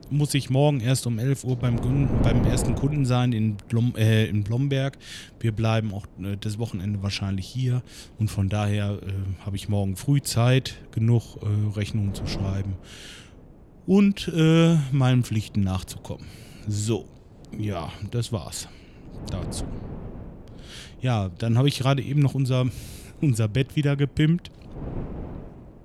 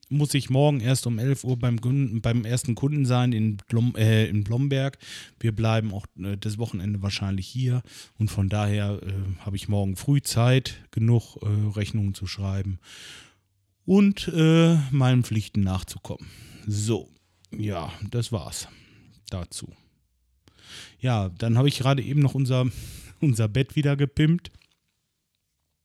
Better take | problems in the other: second | wind noise on the microphone; occasional gusts; 10 dB below the speech

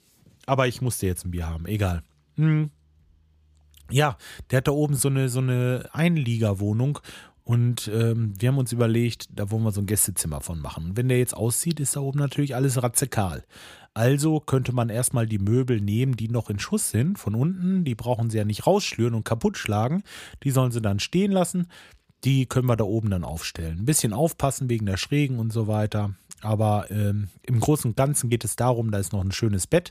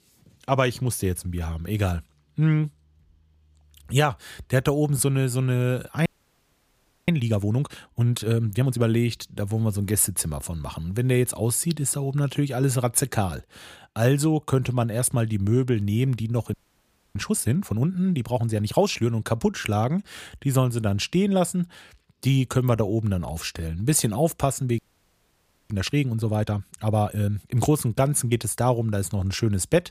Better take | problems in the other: first | audio freezing; at 6 s for 1 s, at 17 s for 0.5 s and at 25 s for 1 s

